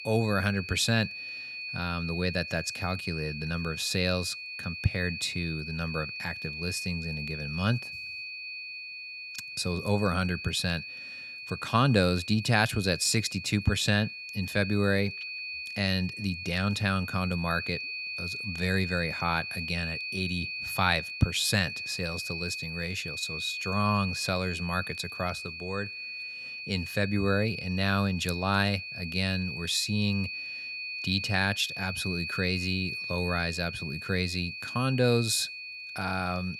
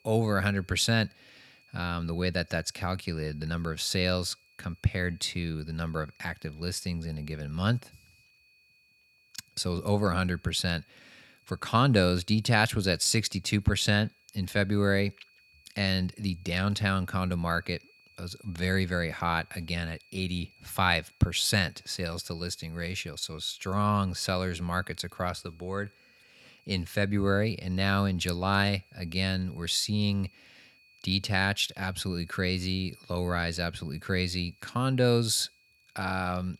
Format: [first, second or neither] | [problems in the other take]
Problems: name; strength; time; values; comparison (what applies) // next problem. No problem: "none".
second | high-pitched whine; loud; throughout; 2.5 kHz, 6 dB below the speech; faint in the second